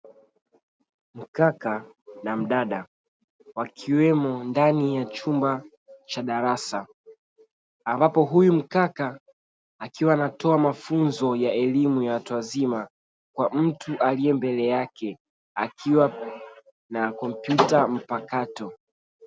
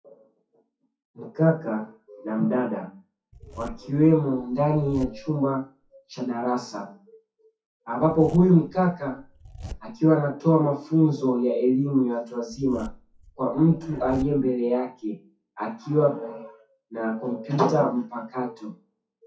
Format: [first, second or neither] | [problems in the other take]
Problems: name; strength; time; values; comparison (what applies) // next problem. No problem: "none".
first | noise reduction (classical method WPE with log-MMSE)